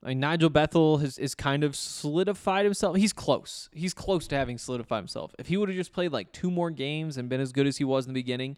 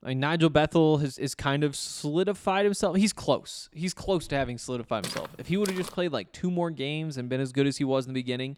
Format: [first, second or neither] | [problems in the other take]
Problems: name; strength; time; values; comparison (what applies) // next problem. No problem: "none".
first | footsteps; noticeable; at 5 s; peak 9 dB below the speech